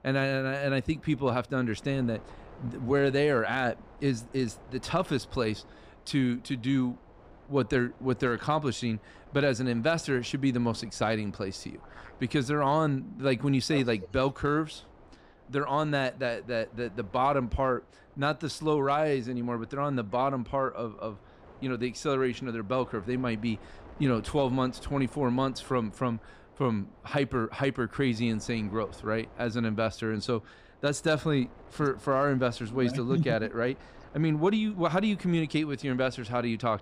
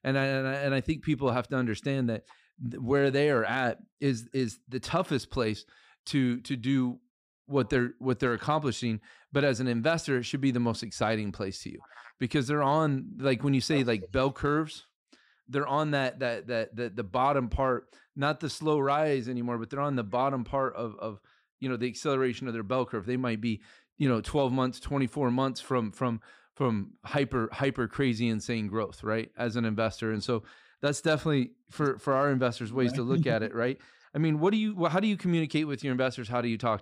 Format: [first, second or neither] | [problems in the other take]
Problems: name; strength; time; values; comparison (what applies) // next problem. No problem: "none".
second | wind noise on the microphone; occasional gusts; 25 dB below the speech